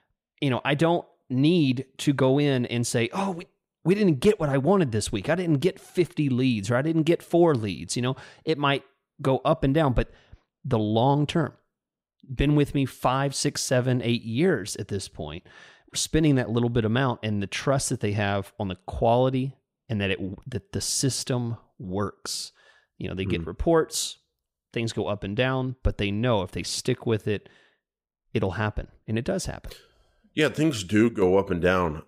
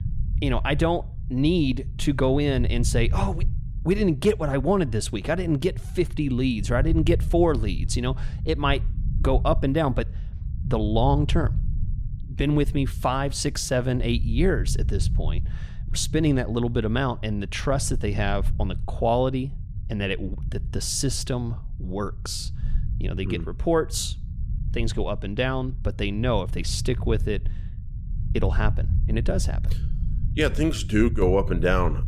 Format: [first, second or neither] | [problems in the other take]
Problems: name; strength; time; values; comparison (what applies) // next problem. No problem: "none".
first | low rumble; noticeable; throughout; 20 dB below the speech